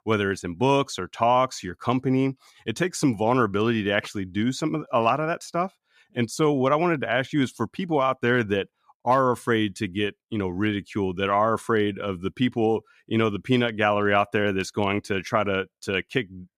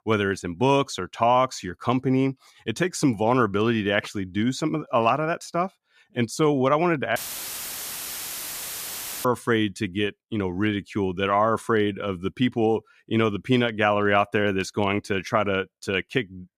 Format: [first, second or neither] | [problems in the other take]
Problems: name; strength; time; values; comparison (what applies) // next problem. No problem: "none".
first | audio cutting out; filled with static; at 7 s for 2 s